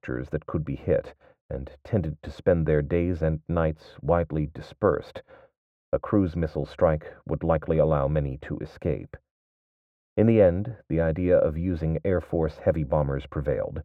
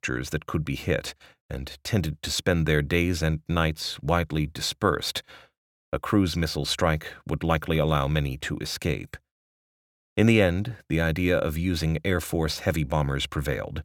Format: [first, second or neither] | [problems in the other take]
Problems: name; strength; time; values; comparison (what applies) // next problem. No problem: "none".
second | muffled; very; fading above 2.5 kHz